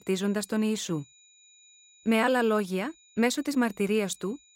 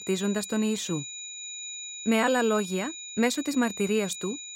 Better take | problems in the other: first | high-pitched whine; loud; throughout; 7 kHz, 9 dB below the speech; faint in the first

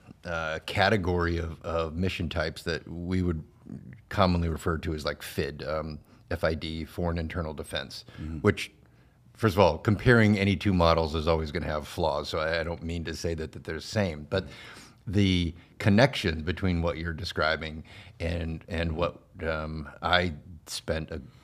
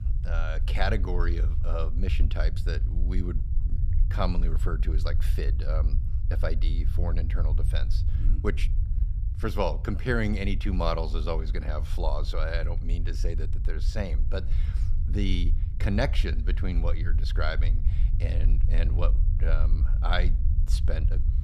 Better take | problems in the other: first | low rumble; noticeable; throughout; 15 dB below the speech

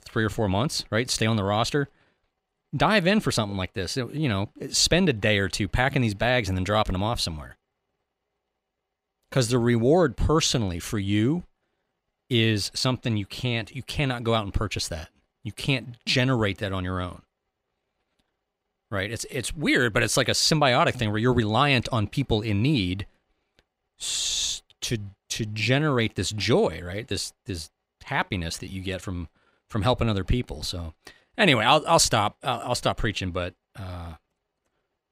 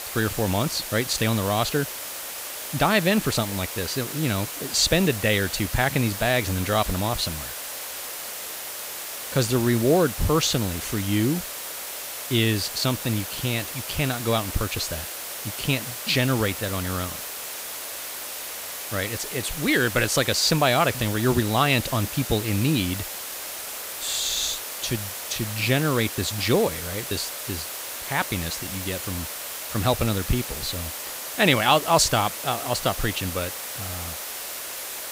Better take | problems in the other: first | hiss; loud; throughout; 7 dB below the speech

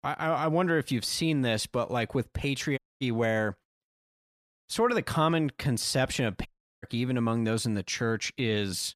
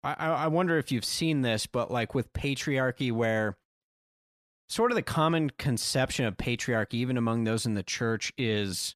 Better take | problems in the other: second | audio cutting out; at 3 s and at 6.5 s

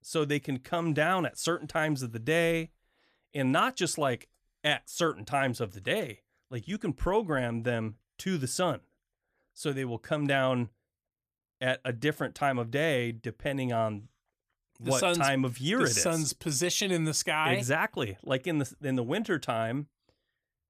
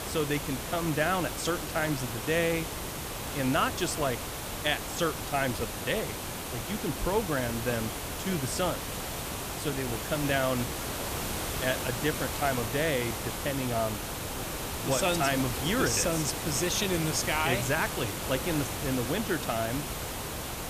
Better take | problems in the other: first | hiss; loud; throughout; 4 dB below the speech

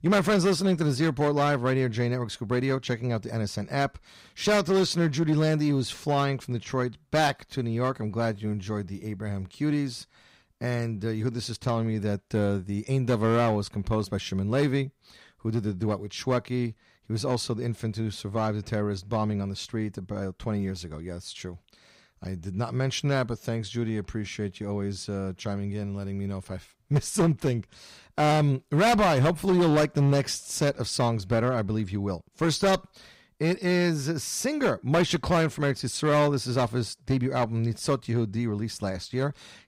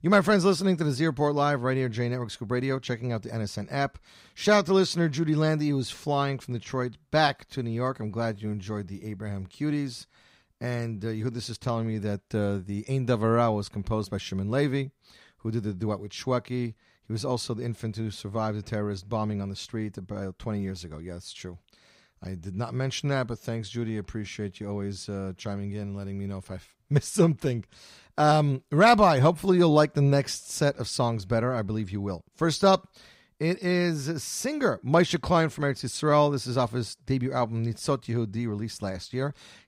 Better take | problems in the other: second | distortion; slight; 5% of the sound clipped

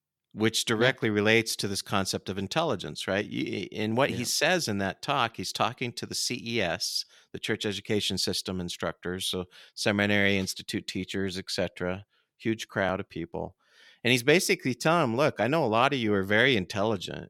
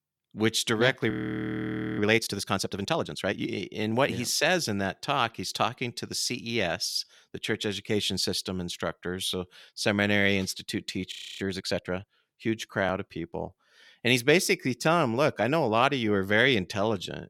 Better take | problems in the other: first | audio freezing; at 1 s for 1 s and at 11 s

